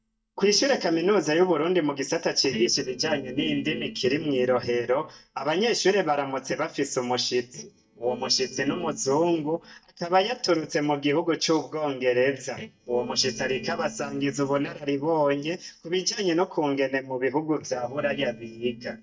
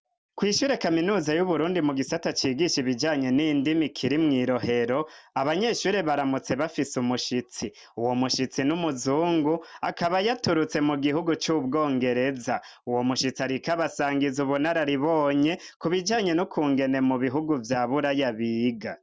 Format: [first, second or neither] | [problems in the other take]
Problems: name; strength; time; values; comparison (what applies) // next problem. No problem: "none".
second | noise reduction (neural mask model DeepFilterNet 3)